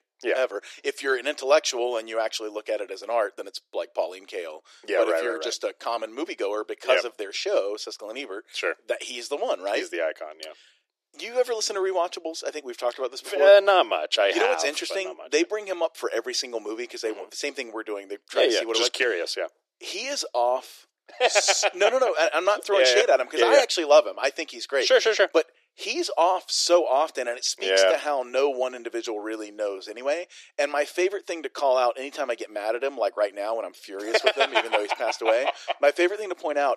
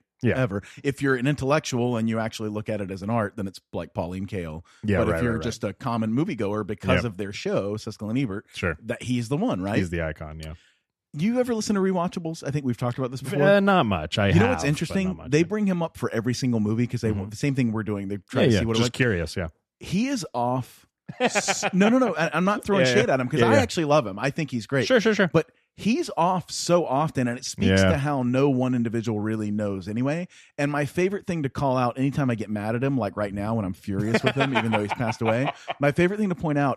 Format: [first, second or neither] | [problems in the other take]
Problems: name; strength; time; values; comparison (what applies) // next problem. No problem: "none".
second | thin; very; fading below 350 Hz